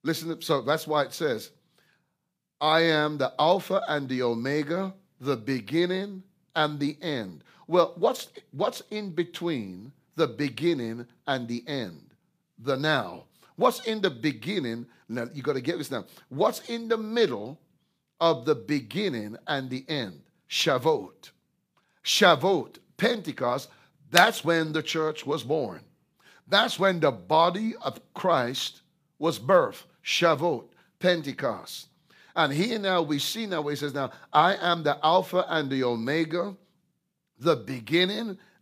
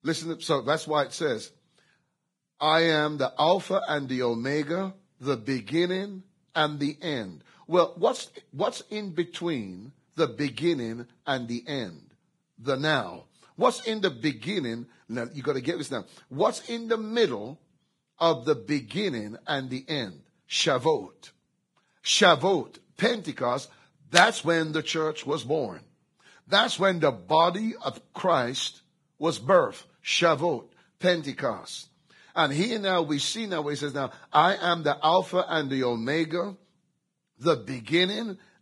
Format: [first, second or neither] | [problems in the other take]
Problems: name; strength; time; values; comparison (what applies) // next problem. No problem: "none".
first | garbled, watery; badly; nothing above 10.5 kHz